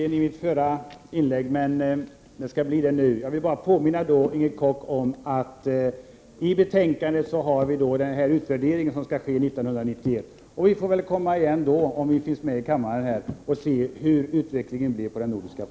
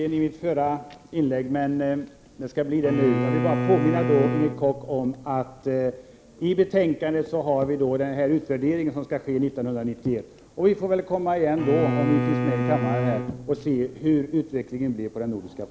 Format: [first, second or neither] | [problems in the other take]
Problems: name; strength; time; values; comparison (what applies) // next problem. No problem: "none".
first | background sound (Bowed string instrument); 3 dB below the speech